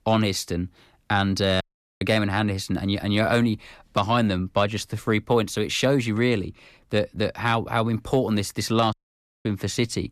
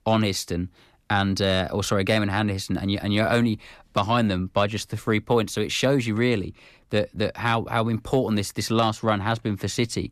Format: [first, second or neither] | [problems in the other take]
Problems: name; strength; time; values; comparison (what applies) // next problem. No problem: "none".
second | audio cutting out; at 1.5 s and at 9 s for 0.5 s